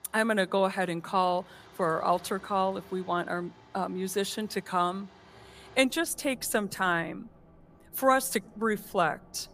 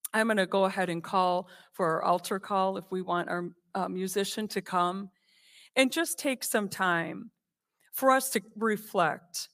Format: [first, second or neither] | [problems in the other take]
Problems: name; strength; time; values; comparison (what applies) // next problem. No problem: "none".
second | traffic noise; faint; throughout; 25 dB below the speech